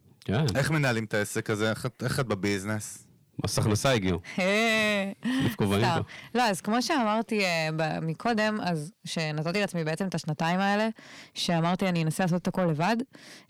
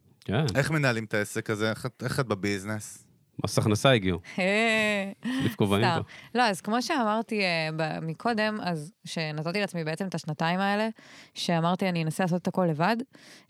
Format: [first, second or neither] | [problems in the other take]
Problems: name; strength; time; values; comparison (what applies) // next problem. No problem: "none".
second | distortion; slight; 10 dB below the speech